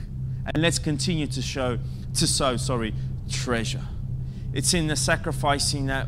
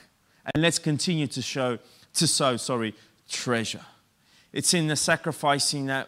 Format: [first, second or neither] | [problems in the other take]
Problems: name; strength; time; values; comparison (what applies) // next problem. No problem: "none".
second | low rumble; noticeable; throughout; 20 dB below the speech